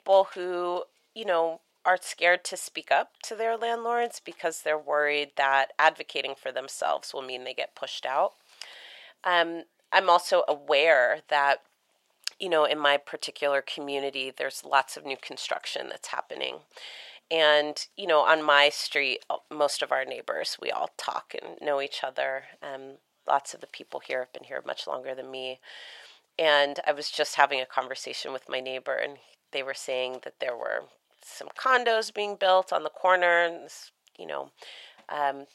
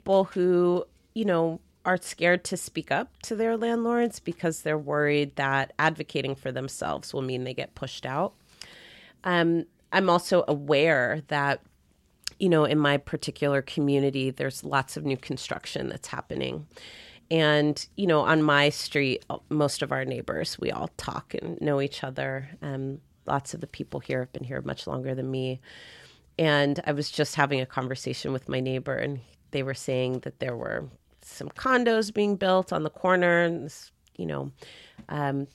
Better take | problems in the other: second | thin; very; fading below 700 Hz

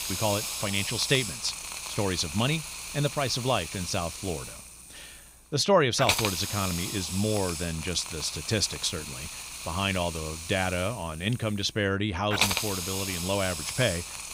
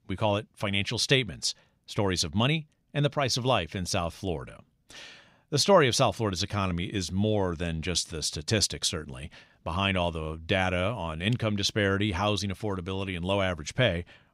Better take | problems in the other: second | hiss; loud; throughout; 4 dB below the speech

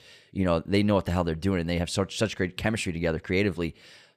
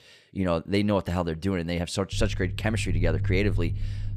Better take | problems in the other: first | low rumble; noticeable; from 2 s on; 15 dB below the speech

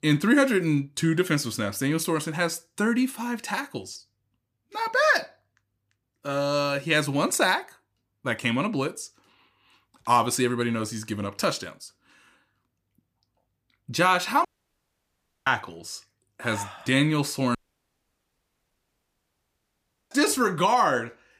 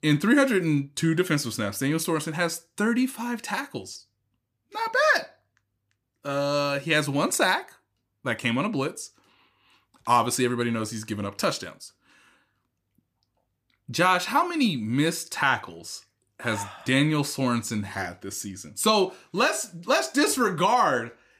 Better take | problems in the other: second | audio cutting out; at 14 s for 1 s and at 18 s for 2.5 s

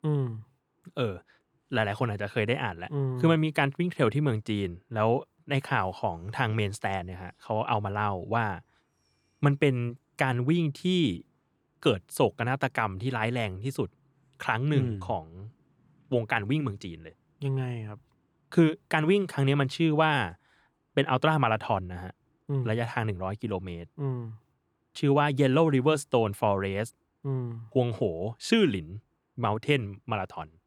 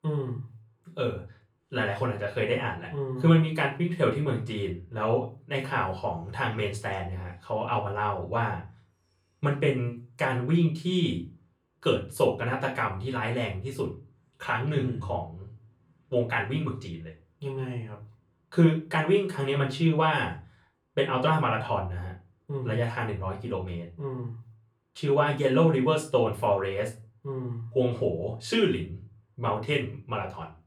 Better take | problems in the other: first | room echo; slight; dies away in 0.3 s // off-mic speech; far

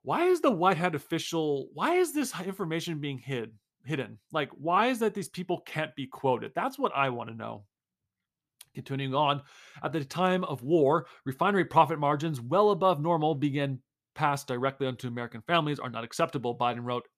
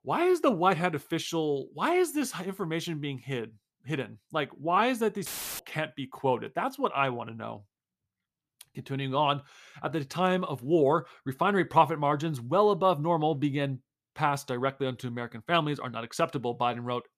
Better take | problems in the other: first | audio cutting out; filled with static; at 5.5 s

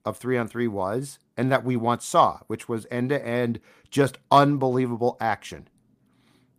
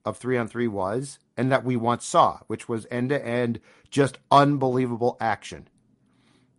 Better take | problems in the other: first | garbled, watery; slightly; nothing above 10.5 kHz

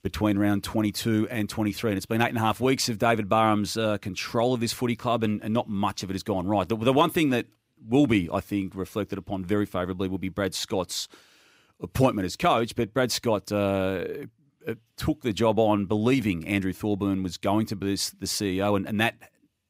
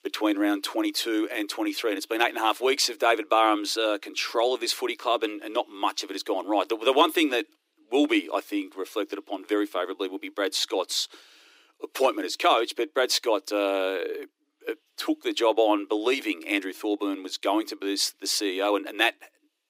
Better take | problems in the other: first | thin; somewhat; fading below 300 Hz

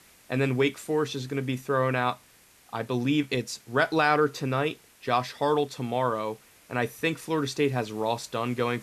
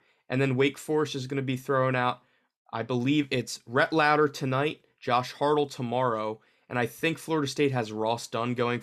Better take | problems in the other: second | hiss; faint; throughout; 25 dB below the speech

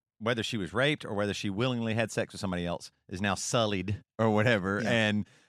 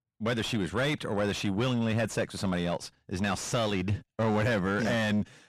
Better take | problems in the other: first | distortion; heavy; 7 dB below the speech

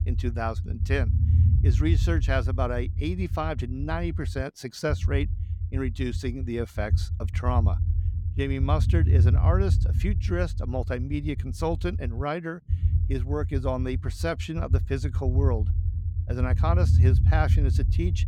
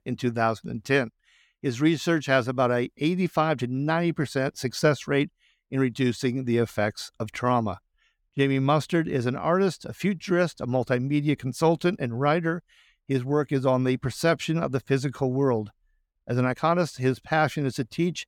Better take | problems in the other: second | low rumble; loud; throughout; 10 dB below the speech

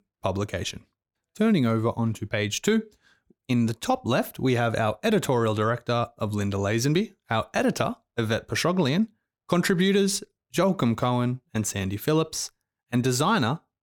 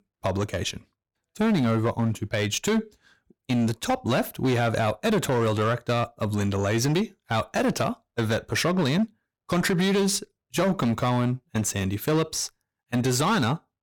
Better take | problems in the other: first | distortion; slight; 11% of the sound clipped

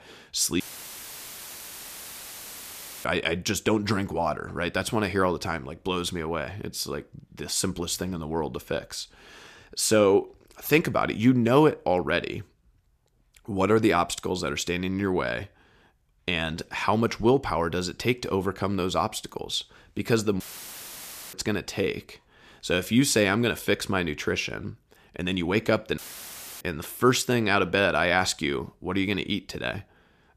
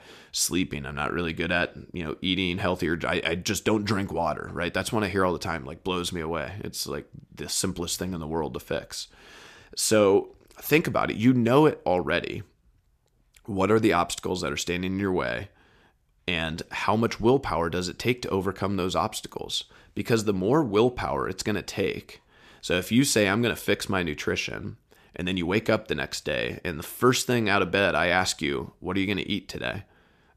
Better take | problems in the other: second | audio cutting out; filled with static; at 0.5 s for 2.5 s, at 20 s for 1 s and at 26 s for 0.5 s

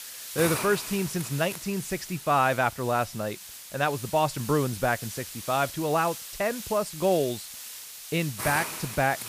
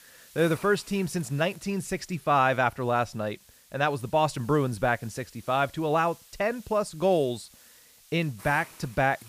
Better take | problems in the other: second | hiss; loud; throughout; 8 dB below the speech; faint in the second

